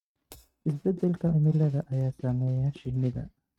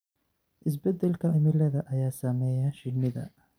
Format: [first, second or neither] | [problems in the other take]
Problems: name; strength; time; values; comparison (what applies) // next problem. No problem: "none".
second | noise reduction (neural mask model RNNoise)